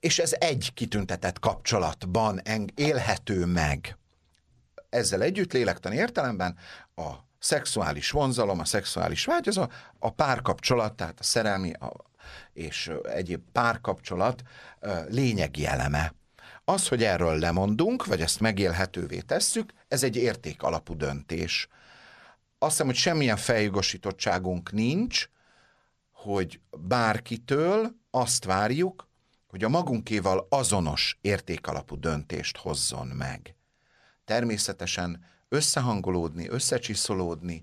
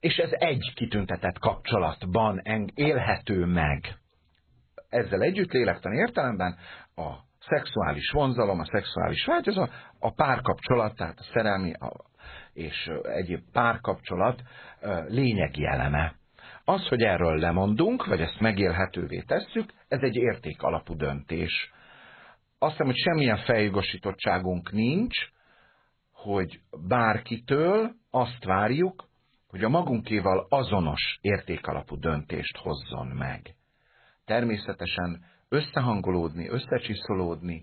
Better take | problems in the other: first | garbled, watery; badly; nothing above 4 kHz

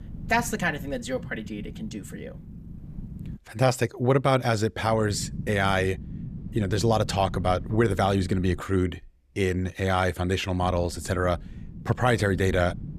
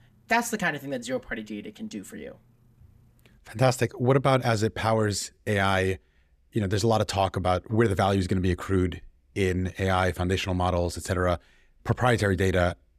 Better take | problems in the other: second | low rumble; faint; until 3.5 s, from 5 to 8.5 s and from 11 s on; 20 dB below the speech

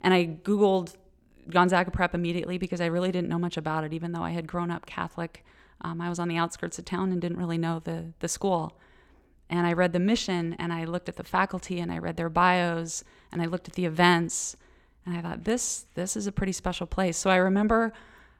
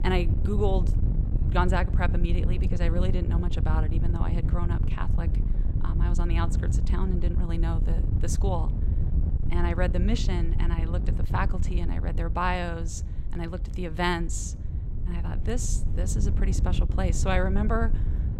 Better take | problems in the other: first | wind noise on the microphone; heavy; 10 dB below the speech

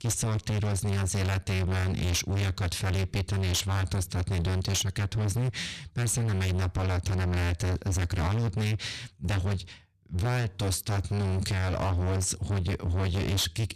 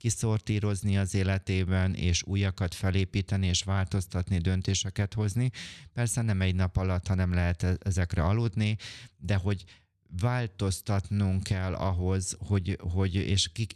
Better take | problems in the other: second | distortion; heavy; 39% of the sound clipped

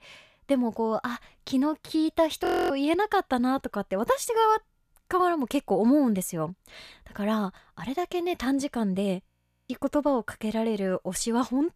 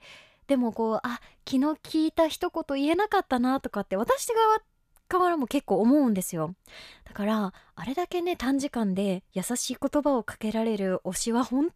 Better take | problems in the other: second | audio freezing; at 2.5 s and at 9.5 s

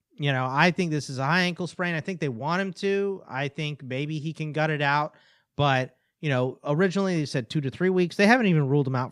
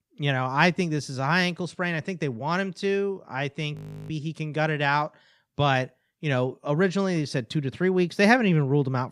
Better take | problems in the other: first | audio freezing; at 4 s

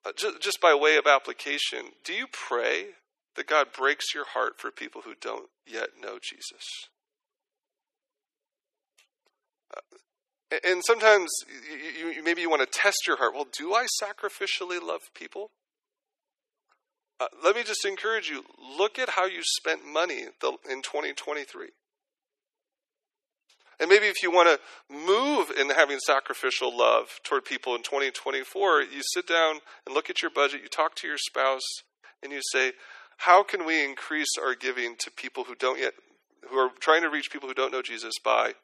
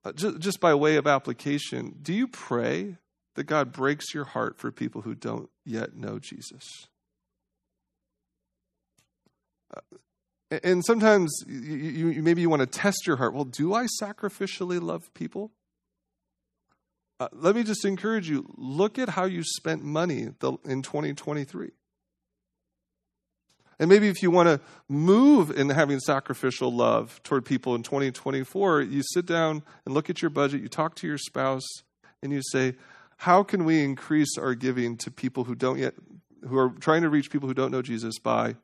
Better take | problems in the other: second | thin; very; fading below 400 Hz

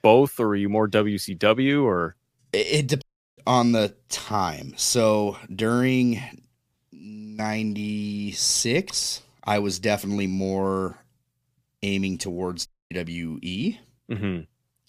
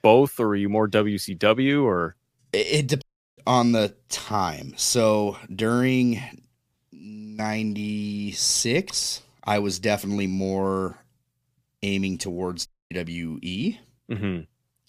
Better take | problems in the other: neither | audio cutting out; at 3 s and at 13 s; the same in both

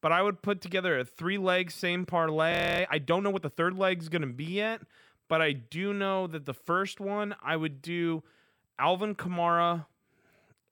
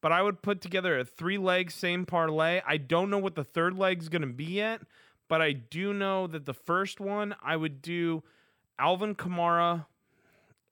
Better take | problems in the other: second | audio freezing; at 2.5 s

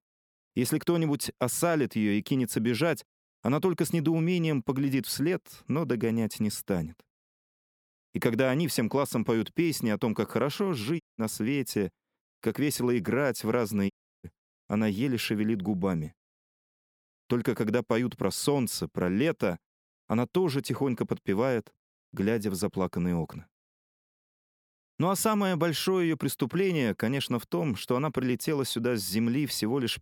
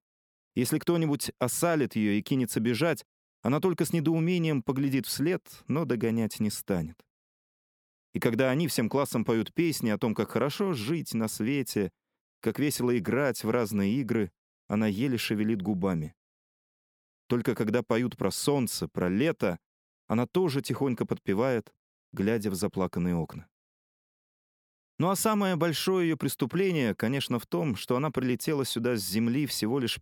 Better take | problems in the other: second | audio cutting out; at 11 s and at 14 s

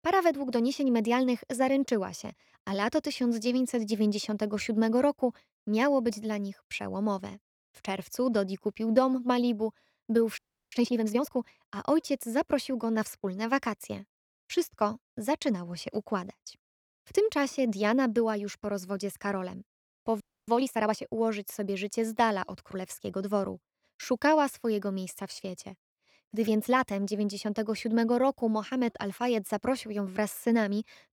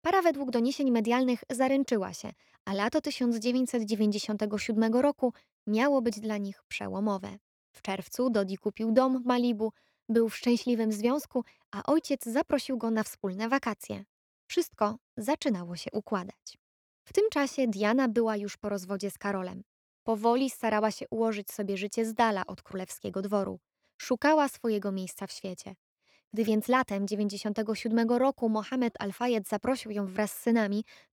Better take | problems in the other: second | audio freezing; at 10 s and at 20 s

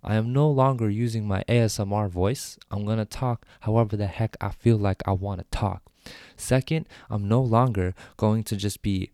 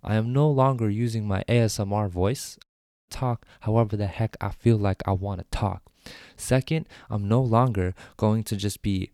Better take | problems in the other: first | audio cutting out; at 2.5 s

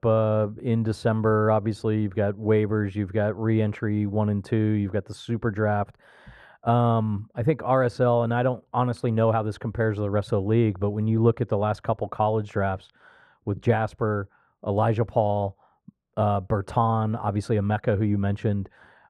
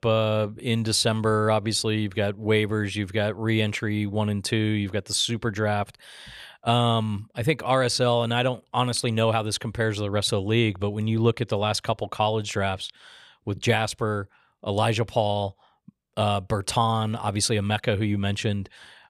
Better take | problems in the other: second | muffled; very; fading above 2 kHz

